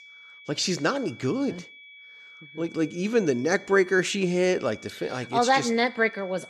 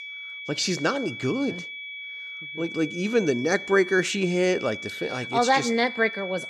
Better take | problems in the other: first | high-pitched whine; loud; throughout; 2.5 kHz, 10 dB below the speech; faint in the first

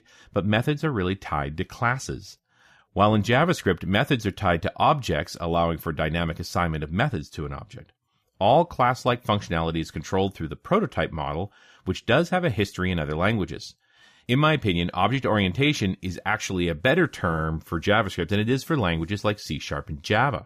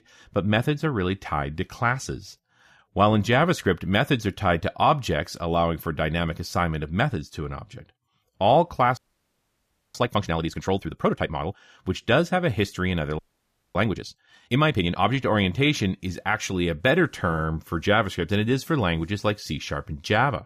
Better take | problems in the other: first | audio freezing; at 9 s for 1 s and at 13 s for 0.5 s

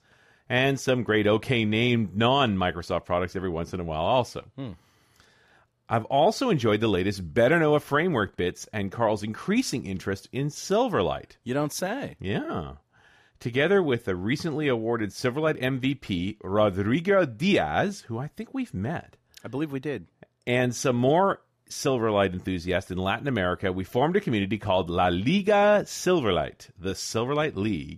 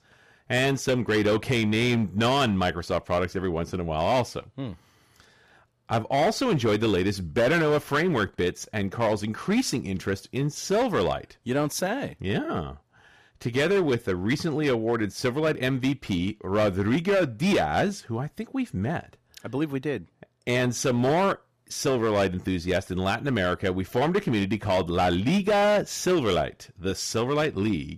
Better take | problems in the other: first | distortion; slight; 8% of the sound clipped

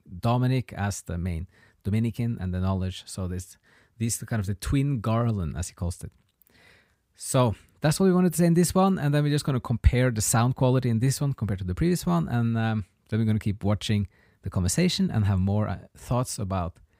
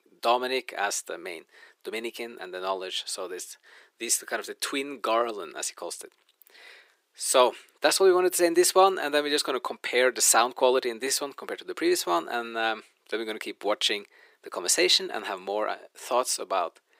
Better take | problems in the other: first | thin; very; fading below 350 Hz

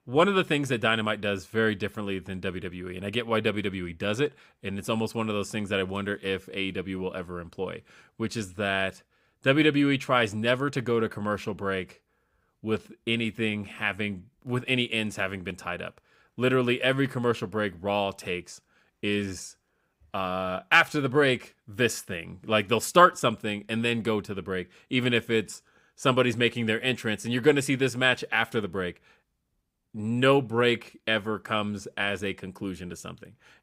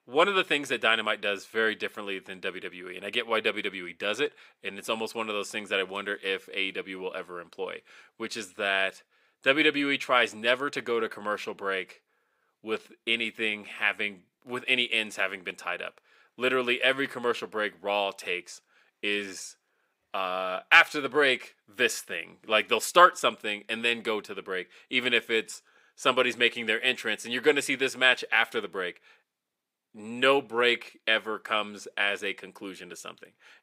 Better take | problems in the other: first | thin; somewhat; fading below 400 Hz

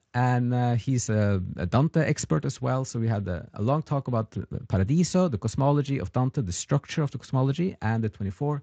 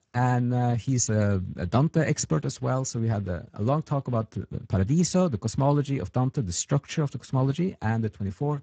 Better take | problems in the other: first | garbled, watery; badly; nothing above 7.5 kHz; slightly in the first

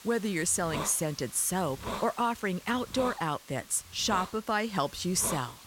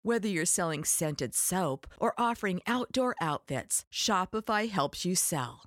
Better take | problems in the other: second | hiss; noticeable; throughout; 10 dB below the speech

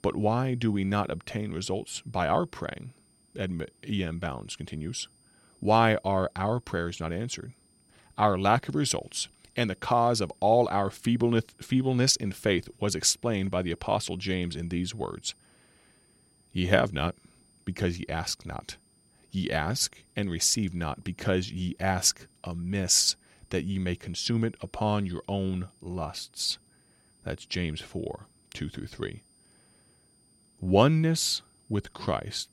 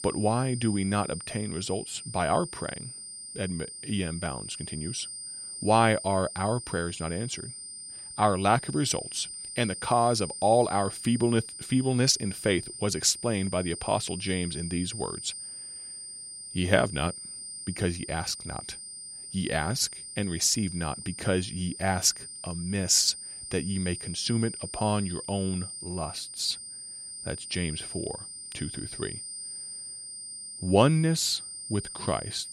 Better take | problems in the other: first | high-pitched whine; loud; throughout; 9 kHz, 9 dB below the speech; faint in the first

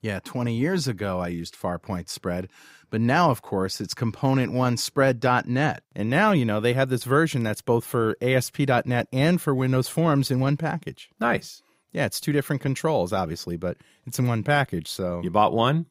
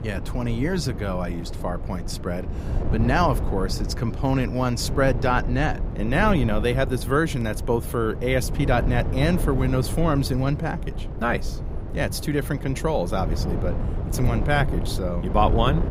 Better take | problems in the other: first | wind noise on the microphone; occasional gusts; 10 dB below the speech

